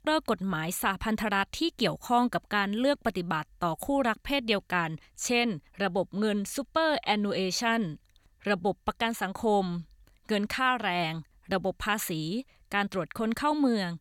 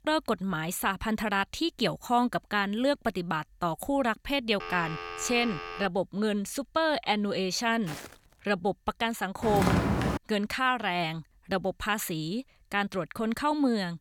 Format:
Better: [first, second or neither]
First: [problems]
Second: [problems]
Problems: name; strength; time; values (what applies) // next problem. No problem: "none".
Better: first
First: none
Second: phone ringing; noticeable; from 4.5 to 6 s; peak 8 dB below the speech // footsteps; faint; at 8 s; peak 15 dB below the speech // footsteps; loud; at 9.5 s; peak 3 dB above the speech